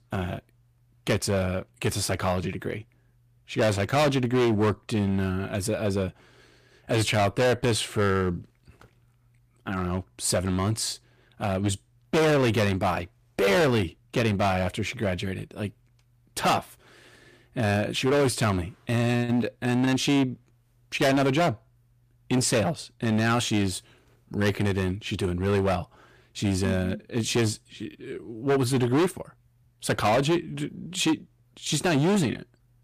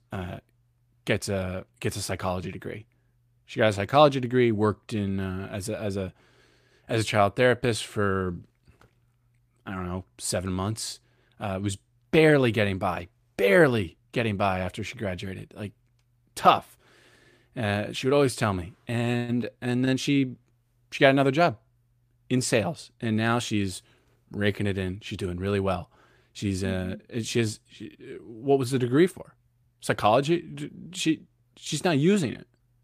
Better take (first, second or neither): second